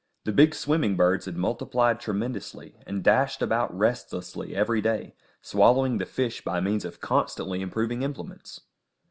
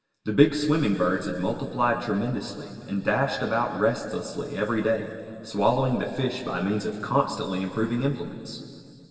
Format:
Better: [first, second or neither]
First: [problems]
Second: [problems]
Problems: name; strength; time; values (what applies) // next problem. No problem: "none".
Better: first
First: none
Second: room echo; dies away in 2.6 s